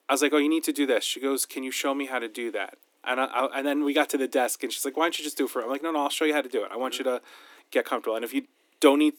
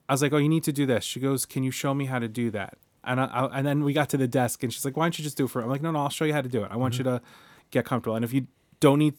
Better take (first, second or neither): second